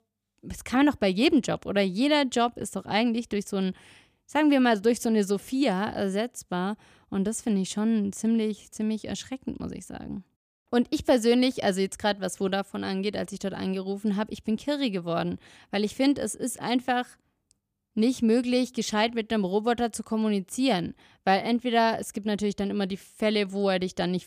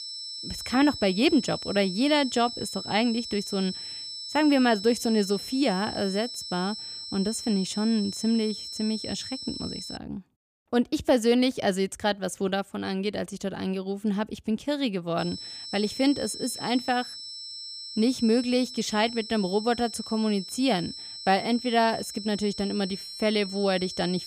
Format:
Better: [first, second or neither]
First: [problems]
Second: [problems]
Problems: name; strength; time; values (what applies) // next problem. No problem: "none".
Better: first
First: none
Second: high-pitched whine; loud; until 10 s and from 15 s on; 5.5 kHz, 9 dB below the speech